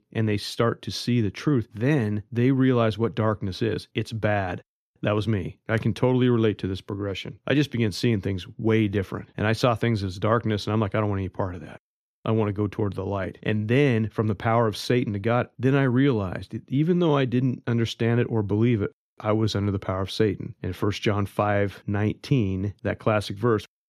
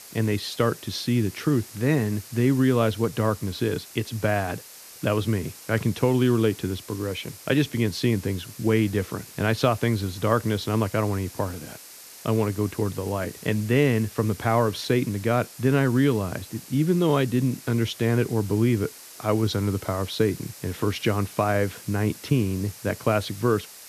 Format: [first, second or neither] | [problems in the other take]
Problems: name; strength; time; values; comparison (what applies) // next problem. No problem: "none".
first | hiss; noticeable; throughout; 15 dB below the speech